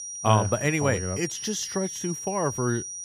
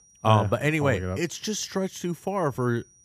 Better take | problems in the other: second | high-pitched whine; loud; throughout; 5.5 kHz, 7 dB below the speech; faint in the second

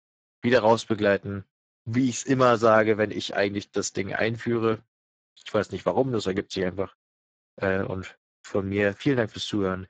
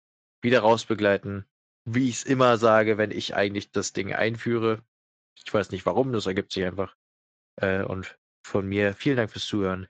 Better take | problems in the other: second | garbled, watery; badly; nothing above 7.5 kHz; slightly in the second

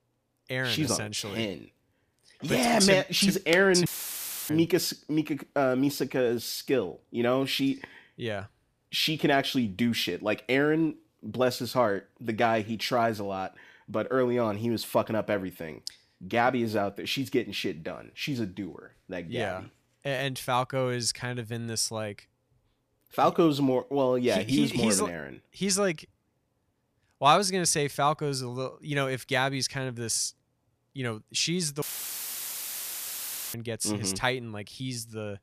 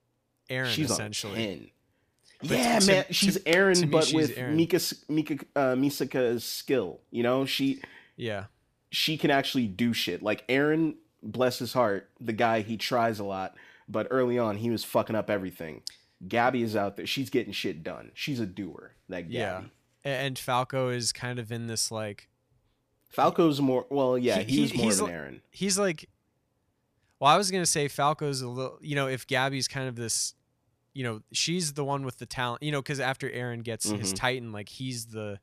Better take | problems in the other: second | audio cutting out; filled with static; at 4 s for 0.5 s and at 32 s for 1.5 s

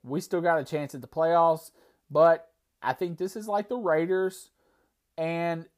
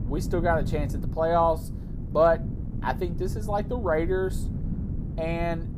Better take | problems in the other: first | wind noise on the microphone; occasional gusts; 15 dB below the speech

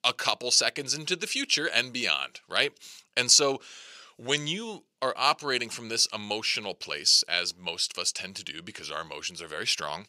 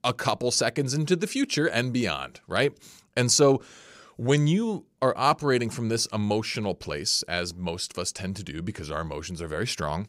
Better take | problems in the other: second | thin; somewhat; fading below 800 Hz

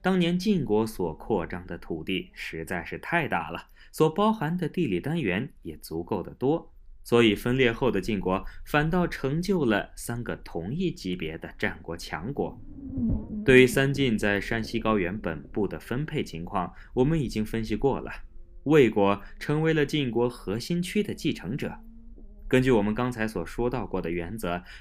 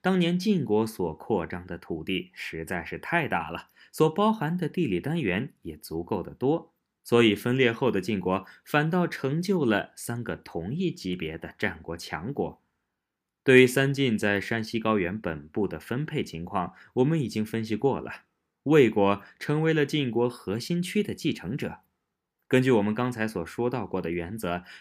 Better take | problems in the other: second | low rumble; noticeable; throughout; 15 dB below the speech

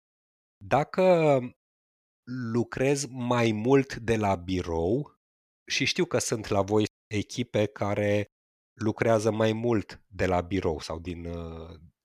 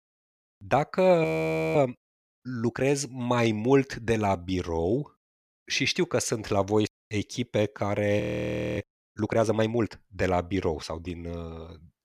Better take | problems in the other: first | audio freezing; at 1 s for 0.5 s and at 8 s for 0.5 s

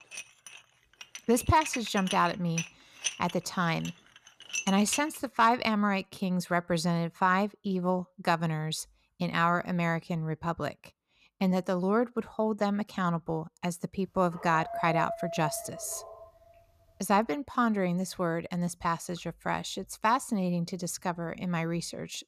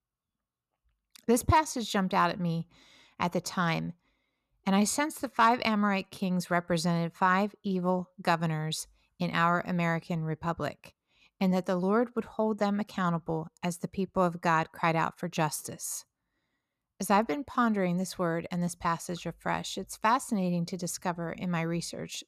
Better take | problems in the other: second | clattering dishes; noticeable; until 5 s; peak 4 dB below the speech // dog barking; noticeable; from 14 to 16 s; peak 5 dB below the speech

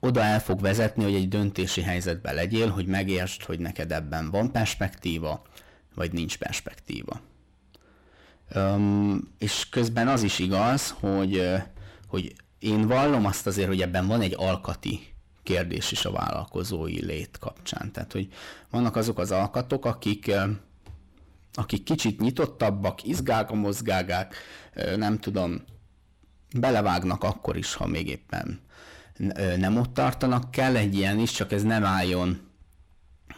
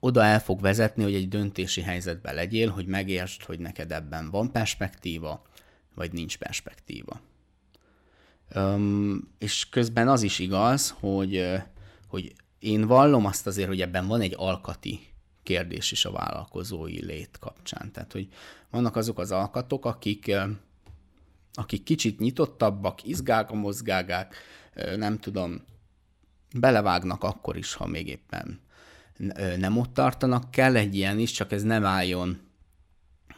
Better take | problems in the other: second | distortion; heavy; 7 dB below the speech

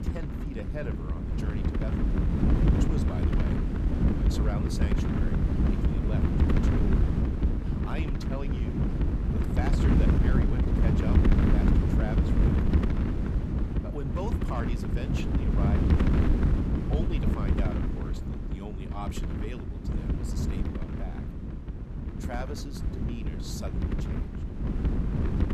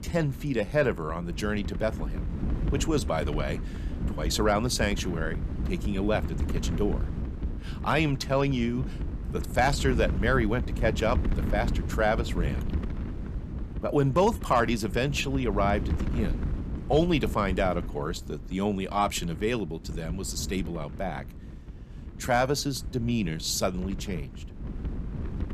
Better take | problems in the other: second | wind noise on the microphone; heavy; 5 dB above the speech; occasional gusts in the second

